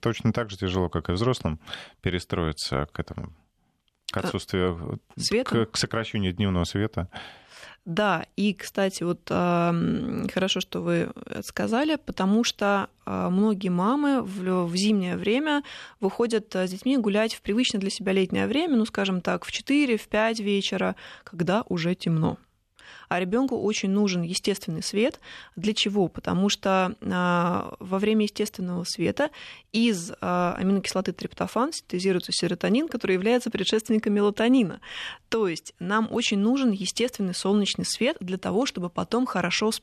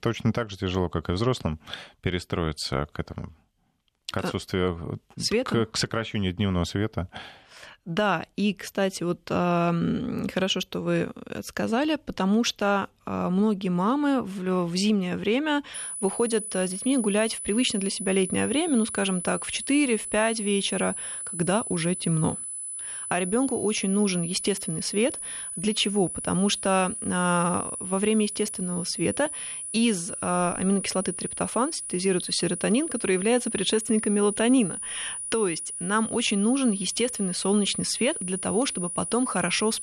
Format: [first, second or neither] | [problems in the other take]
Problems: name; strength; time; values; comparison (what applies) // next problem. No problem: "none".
first | high-pitched whine; loud; from 16 s on; 9.5 kHz, 6 dB below the speech